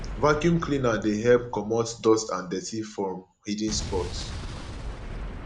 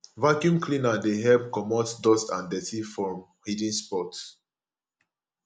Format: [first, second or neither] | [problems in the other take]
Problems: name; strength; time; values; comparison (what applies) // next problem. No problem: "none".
second | background sound (Explosion); 11 dB below the speech